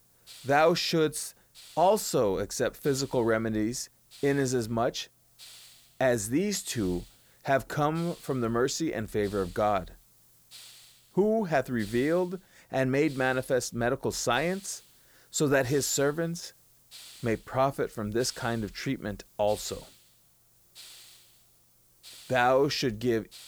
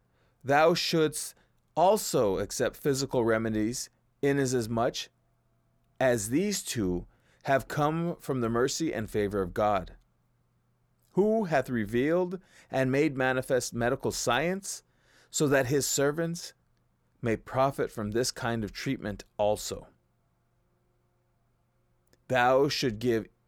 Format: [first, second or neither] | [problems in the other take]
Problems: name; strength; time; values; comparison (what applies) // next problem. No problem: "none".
second | hiss; faint; throughout; 25 dB below the speech